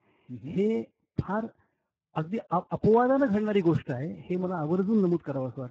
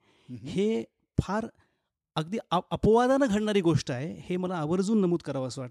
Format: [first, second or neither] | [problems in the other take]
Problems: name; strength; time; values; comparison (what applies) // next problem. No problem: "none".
second | garbled, watery; badly; nothing above 7.5 kHz